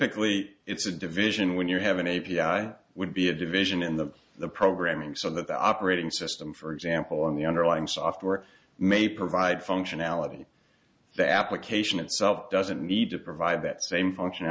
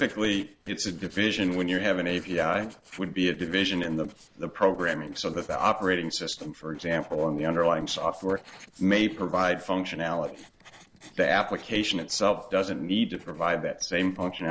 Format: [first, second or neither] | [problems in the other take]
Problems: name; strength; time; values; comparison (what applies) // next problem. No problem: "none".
first | noise reduction (neural separator model SepFormer DNS4)